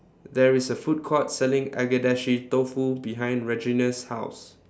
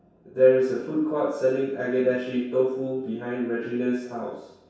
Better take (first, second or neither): first